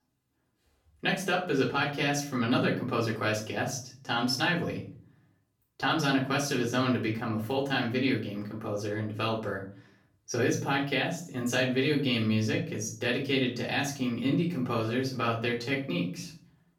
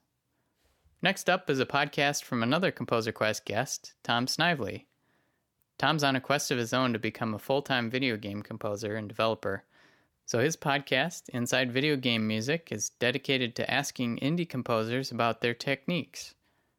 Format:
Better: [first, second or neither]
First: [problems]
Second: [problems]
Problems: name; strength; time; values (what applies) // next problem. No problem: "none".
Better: second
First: off-mic speech; far // room echo; slight; dies away in 0.5 s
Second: none